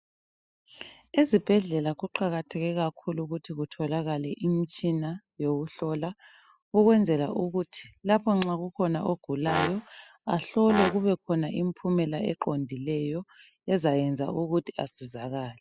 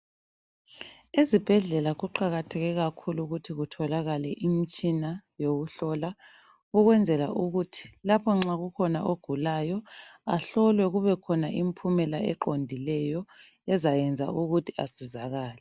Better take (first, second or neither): second